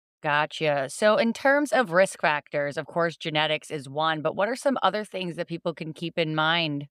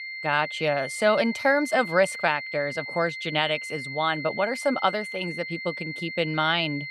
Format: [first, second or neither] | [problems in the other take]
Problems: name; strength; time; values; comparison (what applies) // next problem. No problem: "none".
first | high-pitched whine; loud; throughout; 2 kHz, 8 dB below the speech